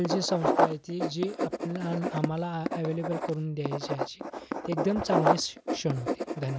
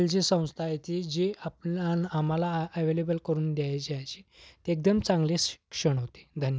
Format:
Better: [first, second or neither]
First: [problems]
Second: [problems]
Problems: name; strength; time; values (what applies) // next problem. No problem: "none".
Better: second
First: background sound (Writing); 1 dB above the speech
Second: none